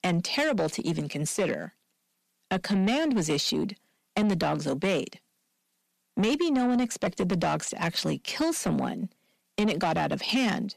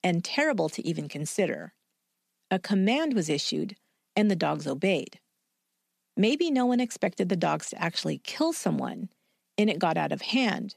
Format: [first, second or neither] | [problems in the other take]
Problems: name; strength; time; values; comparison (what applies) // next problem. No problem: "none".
second | distortion; slight; 10 dB below the speech